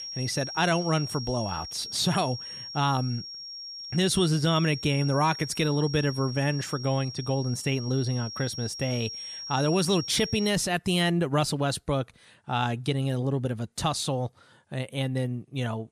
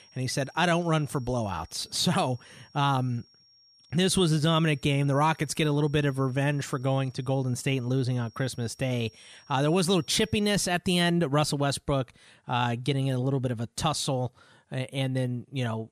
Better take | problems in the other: second | high-pitched whine; loud; until 10 s; 5.5 kHz, 9 dB below the speech; faint in the second

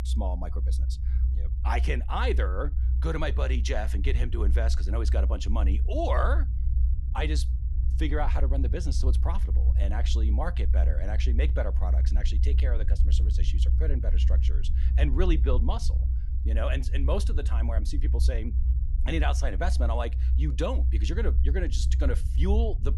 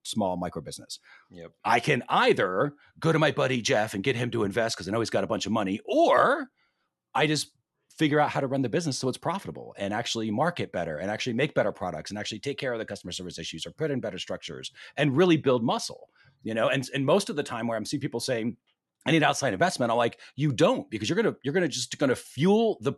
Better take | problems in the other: second | low rumble; noticeable; throughout; 10 dB below the speech

